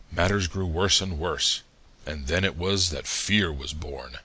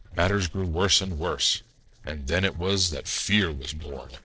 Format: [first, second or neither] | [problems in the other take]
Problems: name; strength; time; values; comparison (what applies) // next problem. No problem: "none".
first | noise reduction (neural separator model SepFormer DNS4)